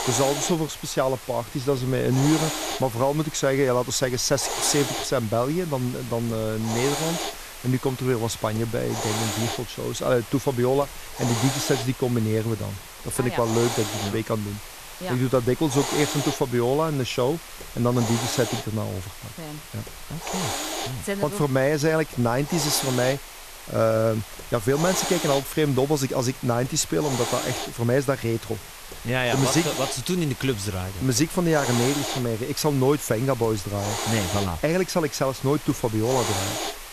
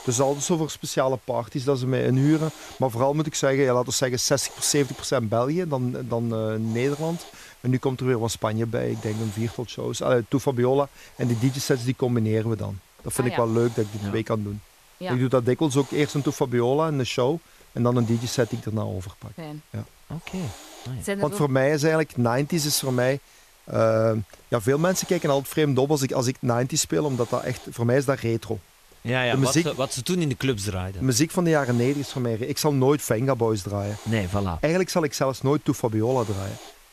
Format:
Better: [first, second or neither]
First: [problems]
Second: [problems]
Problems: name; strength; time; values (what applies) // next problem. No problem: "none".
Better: second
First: hiss; loud; throughout; 7 dB below the speech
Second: hiss; faint; throughout; 20 dB below the speech